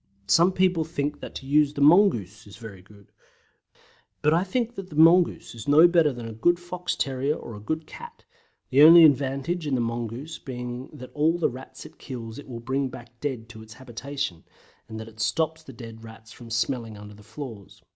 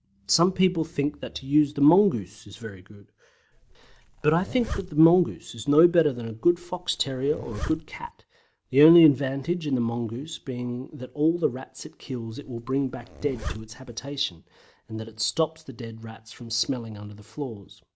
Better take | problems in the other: first | background sound (Zipper (clothing)); 12 dB below the speech

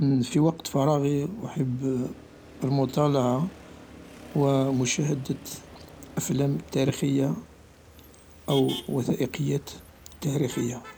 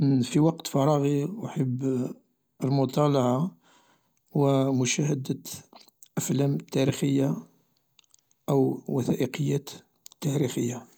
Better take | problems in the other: second | background sound (Motor vehicle (road)); 18 dB below the speech

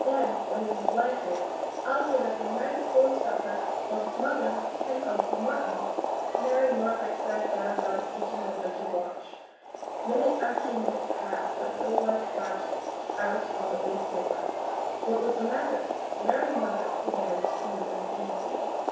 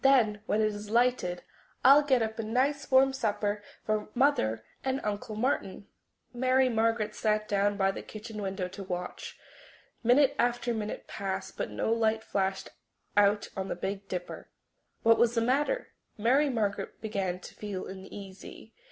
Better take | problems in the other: second | background sound (Boiling); as loud as the speech // room echo; dies away in 0.7 s

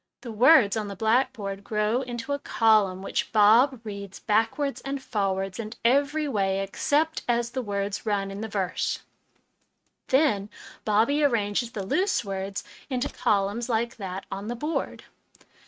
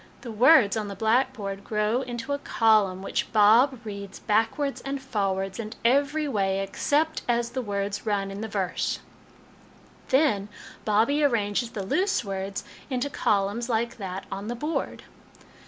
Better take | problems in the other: second | noise reduction (neural mask model RNNoise)

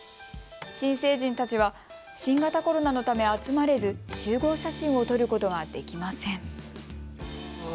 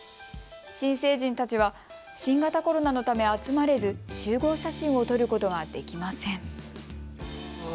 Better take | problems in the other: second | background sound (Printer); 19 dB below the speech

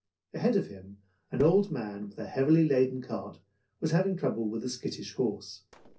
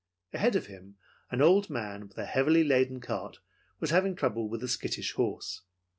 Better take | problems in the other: second | noise reduction (neural separator model SepFormer DNS4)

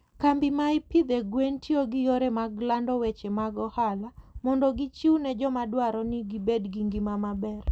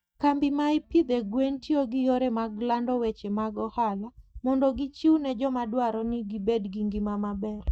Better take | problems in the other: first | noise reduction (neural mask model DeepFilterNet 3)

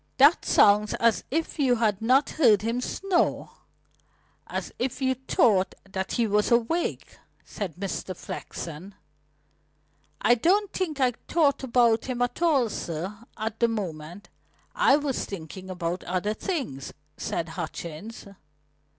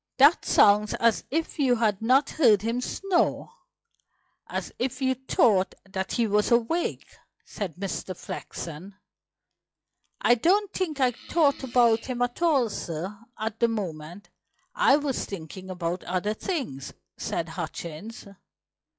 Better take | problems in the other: first | noise reduction (classical method log-MMSE)

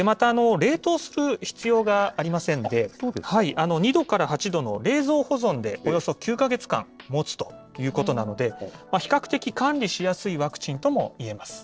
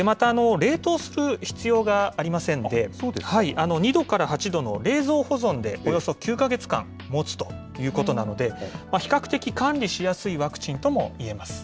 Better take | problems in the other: second | noise reduction (neural separator model SepFormer DNS4)

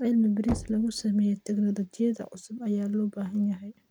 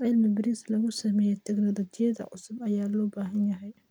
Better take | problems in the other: second | background sound (Knock); 15 dB below the speech

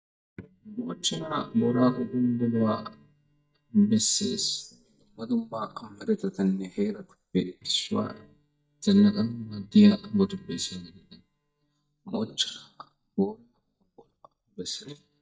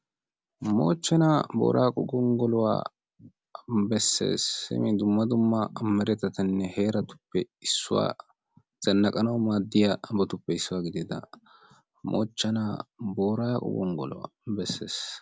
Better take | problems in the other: second | noise reduction (neural mask model DeepFilterNet 3)

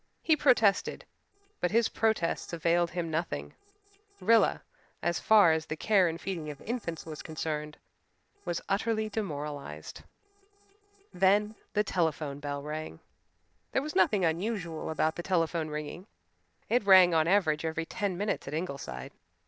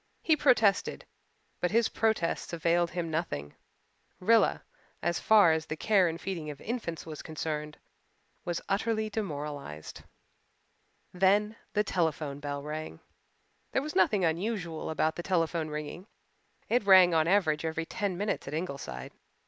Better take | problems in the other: second | noise reduction (neural separator model SepFormer DNS4)

